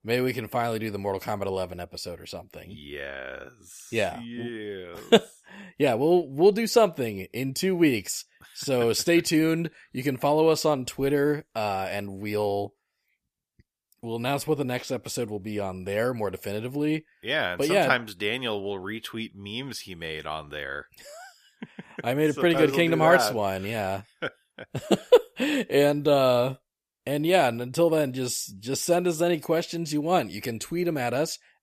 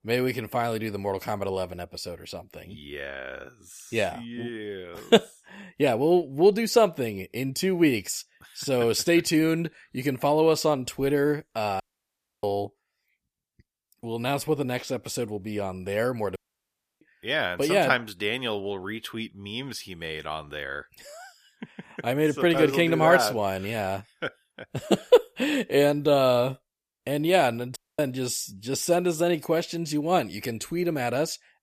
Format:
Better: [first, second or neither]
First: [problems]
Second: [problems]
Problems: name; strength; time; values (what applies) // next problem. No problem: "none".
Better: first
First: none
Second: audio cutting out; at 12 s for 0.5 s, at 16 s for 0.5 s and at 28 s